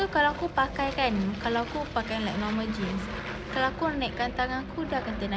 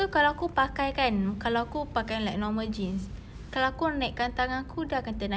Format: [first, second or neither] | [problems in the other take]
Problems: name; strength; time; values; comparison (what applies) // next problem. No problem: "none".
second | background sound (Aircraft); 9 dB below the speech